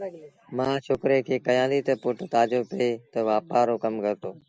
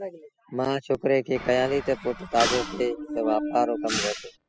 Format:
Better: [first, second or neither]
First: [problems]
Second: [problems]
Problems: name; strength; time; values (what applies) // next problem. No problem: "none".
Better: first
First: none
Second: noise reduction (classical method spectral subtraction)